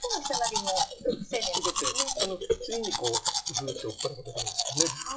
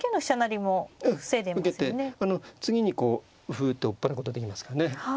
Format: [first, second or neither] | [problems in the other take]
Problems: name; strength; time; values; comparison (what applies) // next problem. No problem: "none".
second | noise reduction (classical method WPE with log-MMSE)